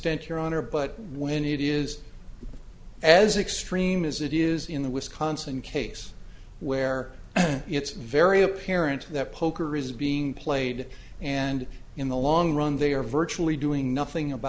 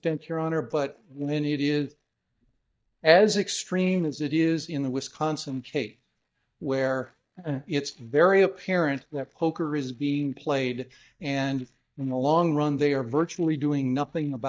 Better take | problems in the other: first | noise reduction (neural mask model DeepFilterNet 3)

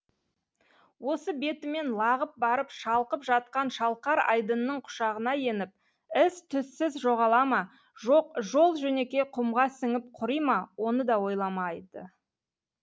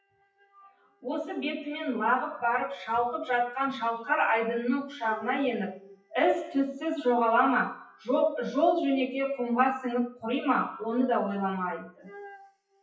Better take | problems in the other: first | noise reduction (classical method WPE with log-MMSE)

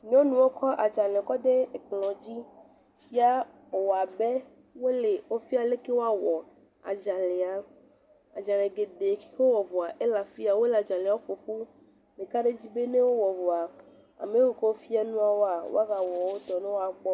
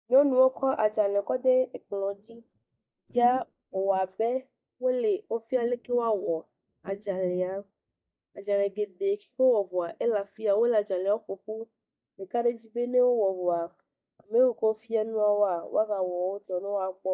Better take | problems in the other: first | noise reduction (neural mask model DeepFilterNet 3)

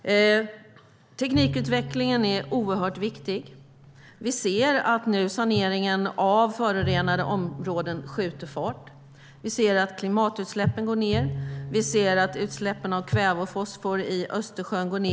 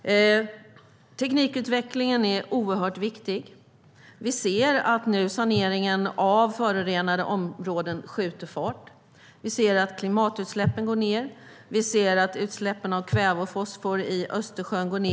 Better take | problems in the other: second | background sound (Bowed string instrument); 10 dB below the speech

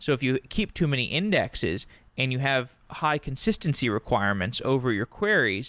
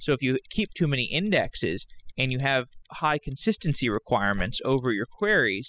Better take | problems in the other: first | noise reduction (classical method spectral subtraction)

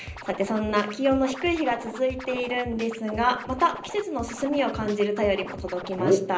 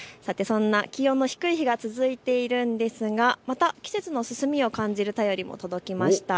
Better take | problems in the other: second | background sound (Scratching (performance technique)); 13 dB below the speech // room echo; dies away in 0.5 s

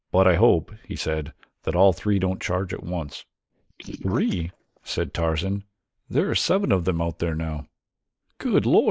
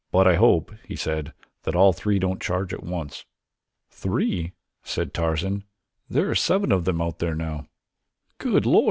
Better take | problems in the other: second | noise reduction (neural mask model Resemble Enhance denoiser)

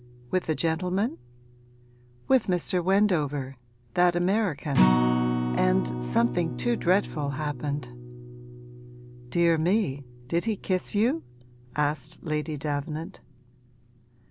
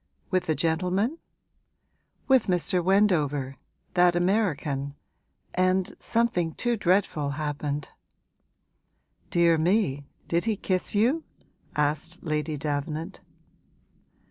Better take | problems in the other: second | background sound (Acoustic guitar); 6 dB below the speech

